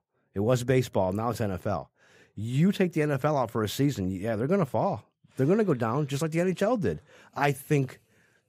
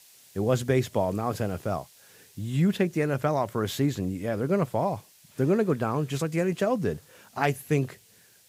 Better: first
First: none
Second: hiss; faint; throughout; 25 dB below the speech

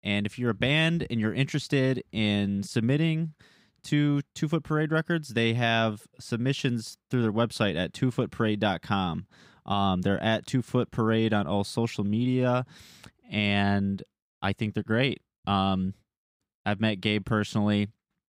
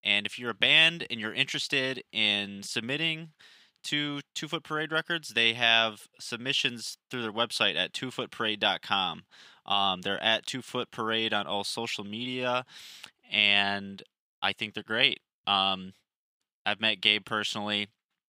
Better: first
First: none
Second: thin; somewhat; fading below 1 kHz

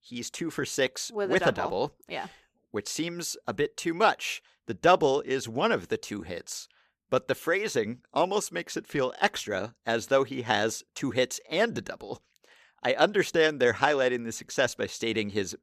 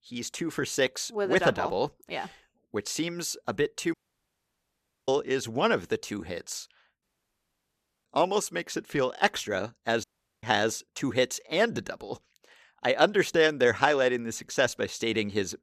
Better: first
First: none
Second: audio cutting out; at 4 s for 1 s, at 7 s for 1 s and at 10 s

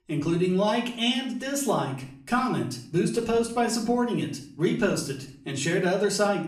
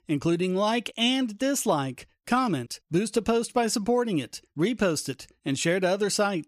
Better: second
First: room echo; slight; dies away in 0.5 s // off-mic speech; far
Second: none

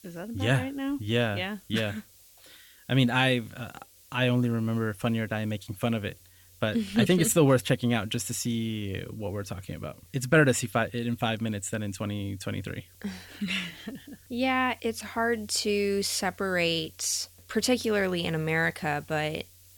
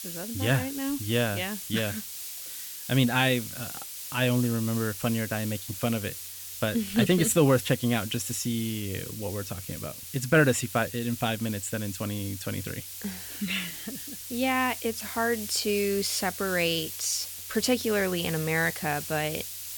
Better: first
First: hiss; faint; throughout; 25 dB below the speech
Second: hiss; loud; throughout; 8 dB below the speech

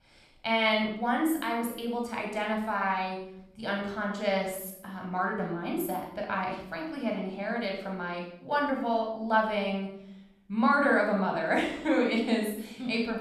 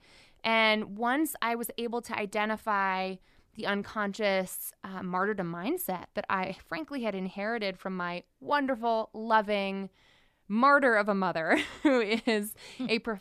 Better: second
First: room echo; noticeable; dies away in 0.6 s // off-mic speech; somewhat distant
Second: none

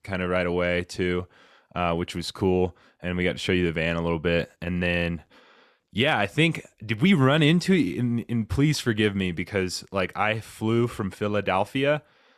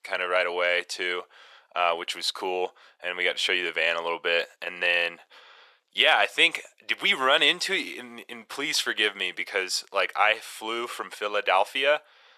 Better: first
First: none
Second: thin; very; fading below 550 Hz

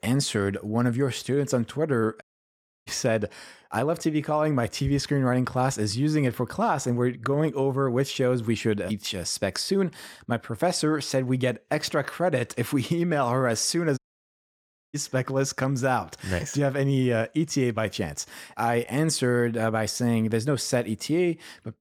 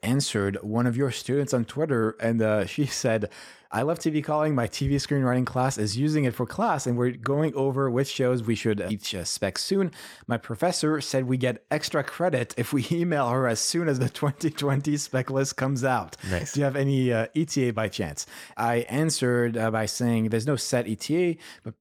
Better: second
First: audio cutting out; at 2 s for 0.5 s and at 14 s for 1 s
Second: none

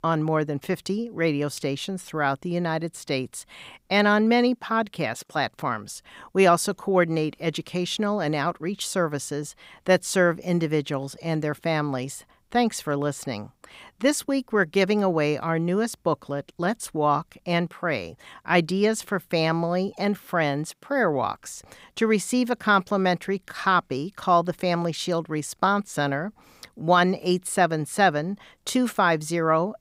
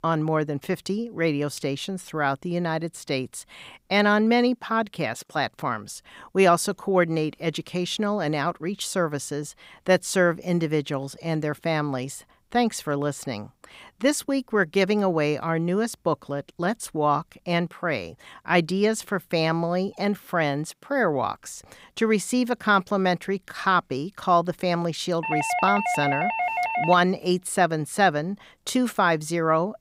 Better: first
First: none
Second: doorbell; noticeable; from 25 to 27 s; peak level with the speech

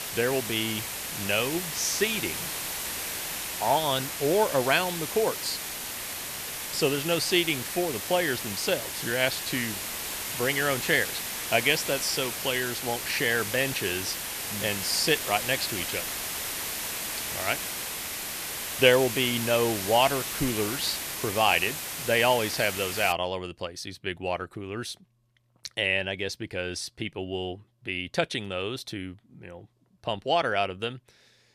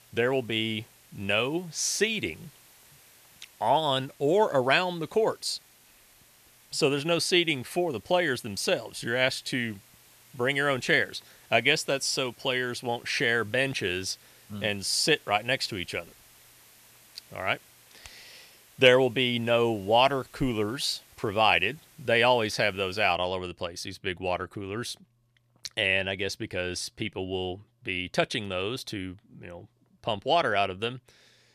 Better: second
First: hiss; loud; until 23 s; 4 dB below the speech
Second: hiss; faint; until 23 s; 25 dB below the speech

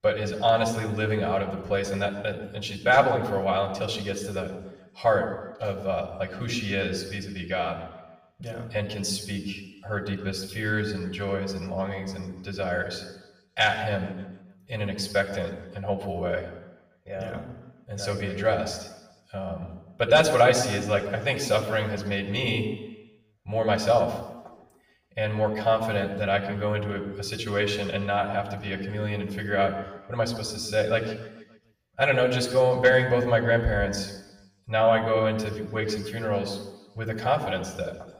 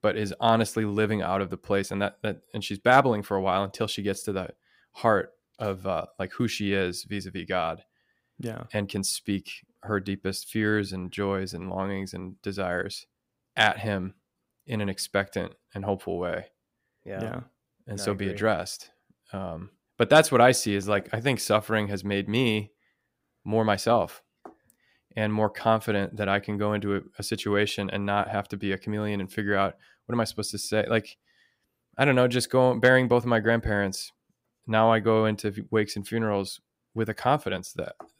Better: second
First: room echo; noticeable; dies away in 1 s // off-mic speech; far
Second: none

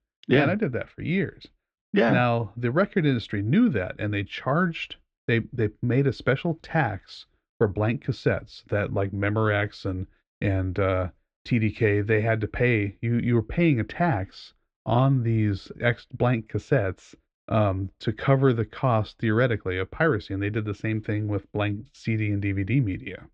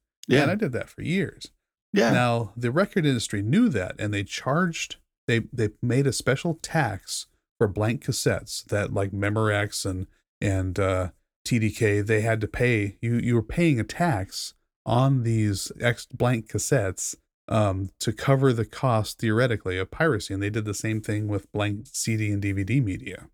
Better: second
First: muffled; very; fading above 3.5 kHz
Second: none

